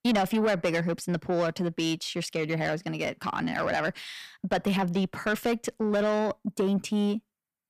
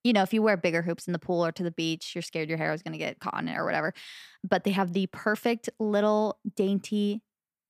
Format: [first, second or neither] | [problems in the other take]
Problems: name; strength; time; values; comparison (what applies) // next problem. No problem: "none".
second | distortion; slight; 10 dB below the speech